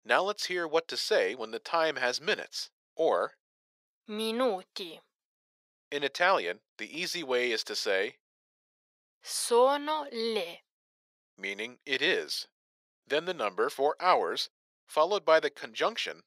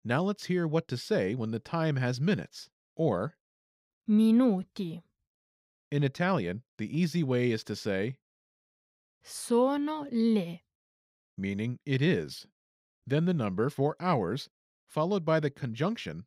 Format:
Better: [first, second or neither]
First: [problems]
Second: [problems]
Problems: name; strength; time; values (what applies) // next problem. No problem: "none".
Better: second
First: thin; very; fading below 500 Hz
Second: none